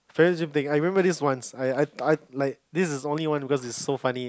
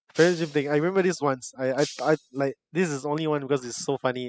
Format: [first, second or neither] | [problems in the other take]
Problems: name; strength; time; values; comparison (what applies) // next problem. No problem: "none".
first | noise reduction (classical method spectral subtraction)